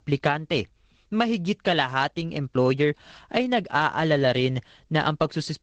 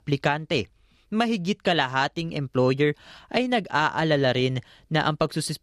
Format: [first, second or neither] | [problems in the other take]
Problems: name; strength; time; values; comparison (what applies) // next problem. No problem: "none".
second | garbled, watery; slightly; nothing above 8 kHz